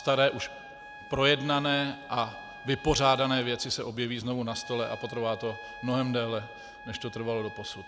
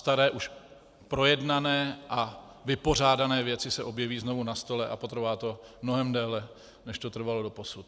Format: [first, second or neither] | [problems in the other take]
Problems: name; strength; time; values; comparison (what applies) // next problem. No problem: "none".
second | background sound (Trumpet); 16 dB below the speech